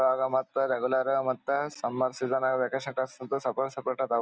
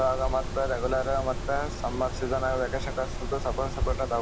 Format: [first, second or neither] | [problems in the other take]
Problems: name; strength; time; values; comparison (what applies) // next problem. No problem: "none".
first | background sound (Mechanisms); 3 dB below the speech